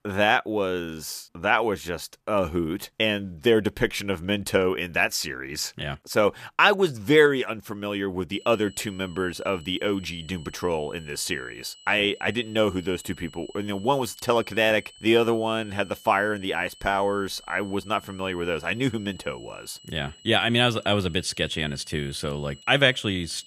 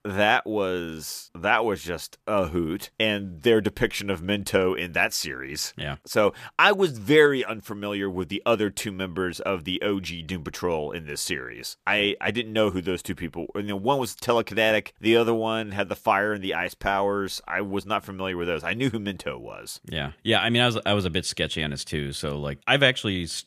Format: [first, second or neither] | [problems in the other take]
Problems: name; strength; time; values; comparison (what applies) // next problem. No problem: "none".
second | high-pitched whine; faint; from 8.5 s on; 3 kHz, 25 dB below the speech